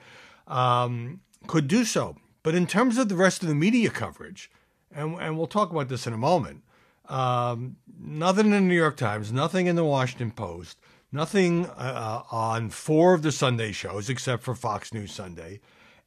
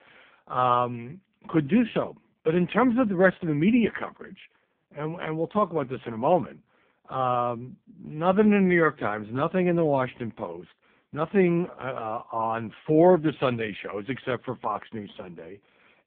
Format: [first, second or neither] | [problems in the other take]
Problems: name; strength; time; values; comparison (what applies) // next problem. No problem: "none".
first | phone-call audio; poor line